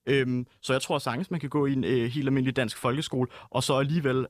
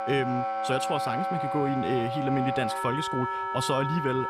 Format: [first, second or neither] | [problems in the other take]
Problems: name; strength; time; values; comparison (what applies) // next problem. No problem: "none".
first | background music; loud; throughout; 1 dB below the speech